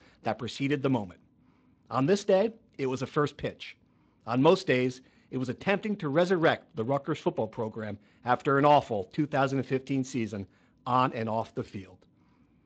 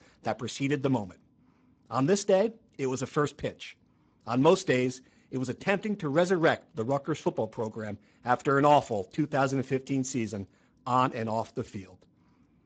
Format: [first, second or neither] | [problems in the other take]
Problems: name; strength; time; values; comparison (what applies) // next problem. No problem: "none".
first | garbled, watery; badly; nothing above 7.5 kHz; slightly in the first